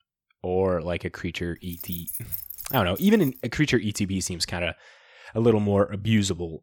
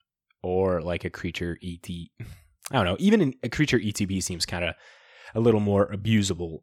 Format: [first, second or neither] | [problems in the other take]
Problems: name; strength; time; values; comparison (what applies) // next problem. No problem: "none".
second | jangling keys; noticeable; from 1.5 to 3.5 s; peak 6 dB below the speech